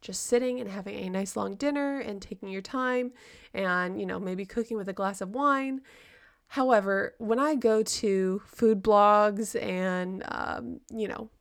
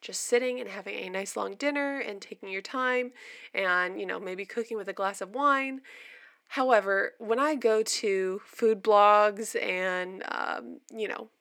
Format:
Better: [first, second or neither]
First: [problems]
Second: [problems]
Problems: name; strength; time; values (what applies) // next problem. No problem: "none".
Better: first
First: none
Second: thin; very slightly; fading below 300 Hz